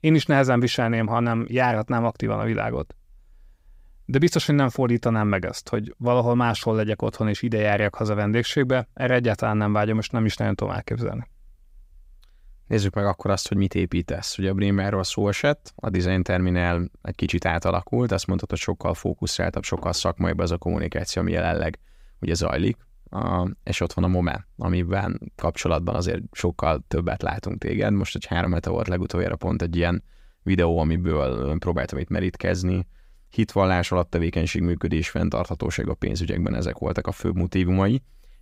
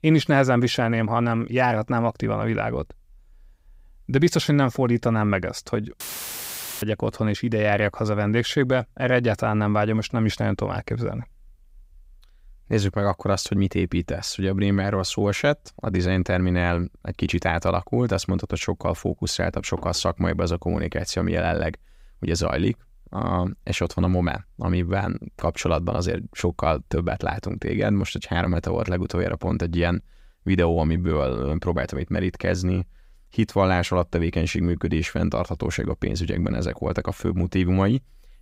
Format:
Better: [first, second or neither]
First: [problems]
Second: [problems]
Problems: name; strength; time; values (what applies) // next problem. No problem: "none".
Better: first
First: none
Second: audio cutting out; filled with static; at 6 s for 1 s